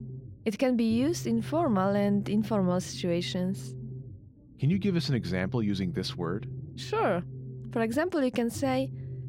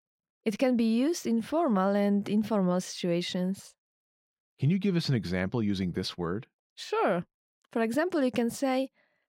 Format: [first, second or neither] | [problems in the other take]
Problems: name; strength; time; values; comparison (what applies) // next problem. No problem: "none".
second | low rumble; noticeable; throughout; 20 dB below the speech